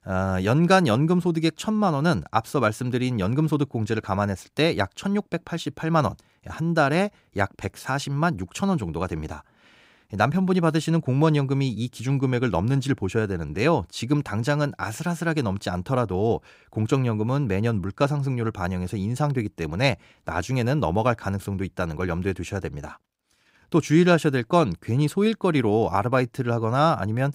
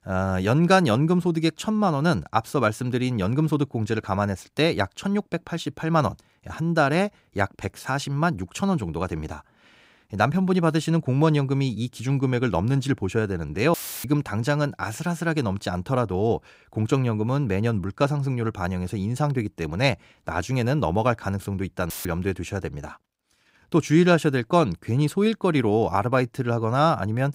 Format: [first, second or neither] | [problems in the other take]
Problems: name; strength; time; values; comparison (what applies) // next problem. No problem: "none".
first | audio cutting out; filled with static; at 14 s and at 22 s